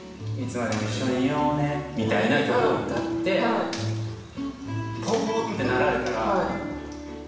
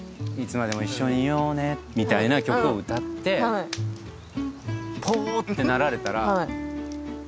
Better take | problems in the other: second | room echo; dies away in 1.1 s

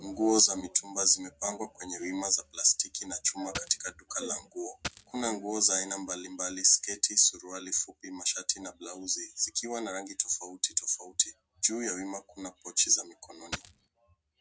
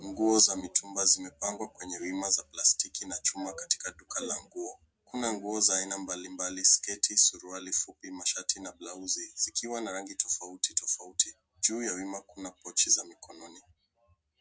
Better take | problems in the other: second | background sound (Coin (dropping)); 9 dB below the speech

